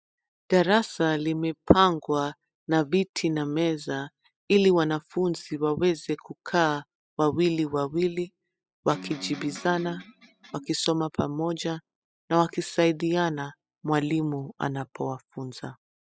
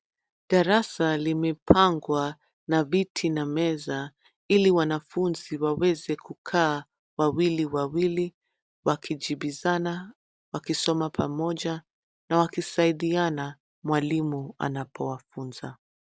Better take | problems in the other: second | noise reduction (classical method spectral subtraction)

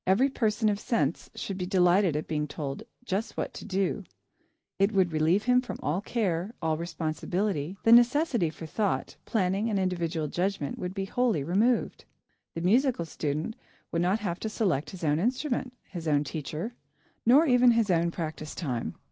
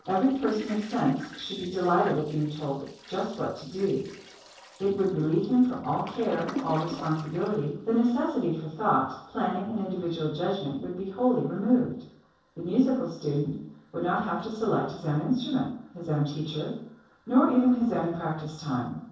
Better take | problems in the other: first | noise reduction (neural separator model SepFormer DNS4)

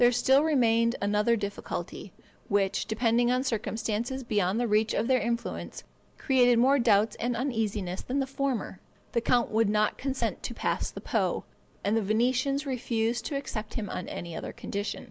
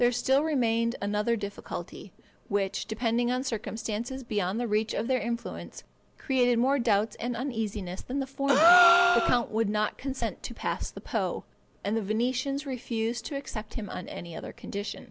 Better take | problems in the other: first | background sound (Gasp); 4 dB above the speech

